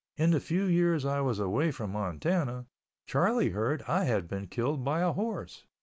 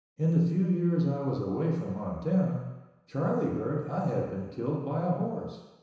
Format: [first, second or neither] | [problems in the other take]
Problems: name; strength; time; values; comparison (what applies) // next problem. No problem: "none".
first | room echo; dies away in 1 s